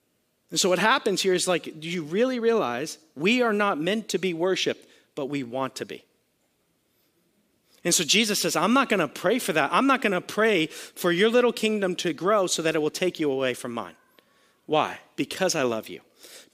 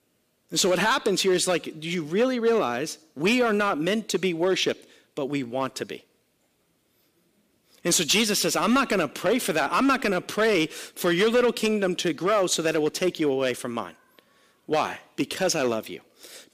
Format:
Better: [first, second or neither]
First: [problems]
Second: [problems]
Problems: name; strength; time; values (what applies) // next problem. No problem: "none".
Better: first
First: none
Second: distortion; slight; 4% of the sound clipped